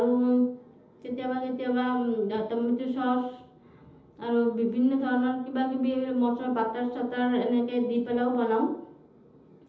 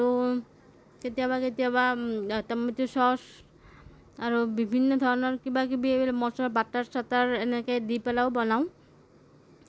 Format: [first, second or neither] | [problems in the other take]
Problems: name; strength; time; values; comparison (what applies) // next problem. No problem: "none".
second | room echo; dies away in 0.8 s